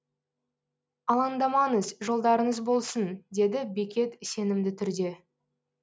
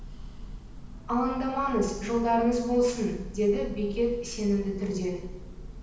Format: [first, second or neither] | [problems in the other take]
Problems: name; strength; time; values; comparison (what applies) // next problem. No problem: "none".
first | background sound (Church bell); 12 dB below the speech // room echo; dies away in 0.9 s